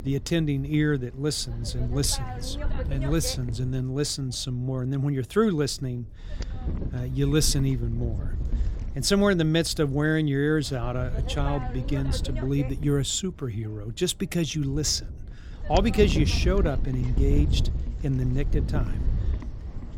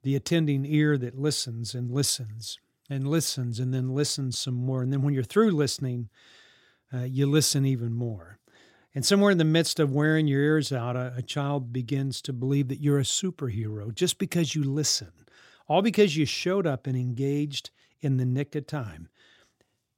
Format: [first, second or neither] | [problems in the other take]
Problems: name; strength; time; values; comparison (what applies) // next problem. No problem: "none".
second | wind noise on the microphone; occasional gusts; 10 dB below the speech